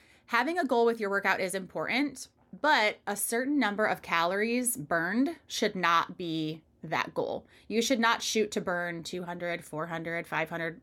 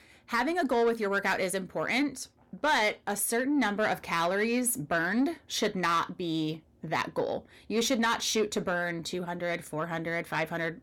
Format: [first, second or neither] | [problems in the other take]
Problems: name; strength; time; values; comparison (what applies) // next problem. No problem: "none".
first | distortion; slight; 10 dB below the speech